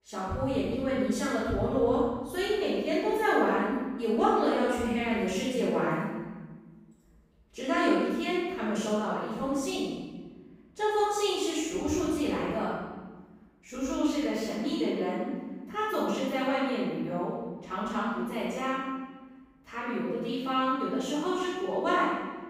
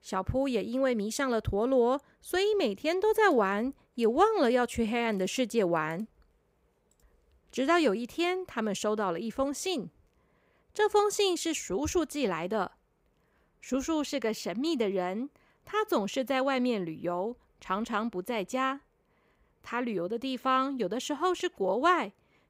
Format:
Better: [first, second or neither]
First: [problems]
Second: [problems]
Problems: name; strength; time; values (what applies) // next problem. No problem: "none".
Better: second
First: off-mic speech; far // room echo; strong; dies away in 1.4 s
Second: none